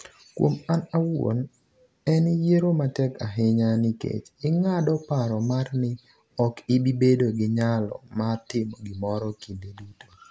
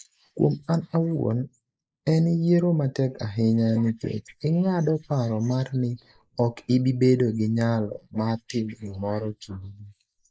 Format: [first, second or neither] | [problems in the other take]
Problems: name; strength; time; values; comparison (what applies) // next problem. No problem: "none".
first | noise reduction (neural mask model Resemble Enhance denoiser)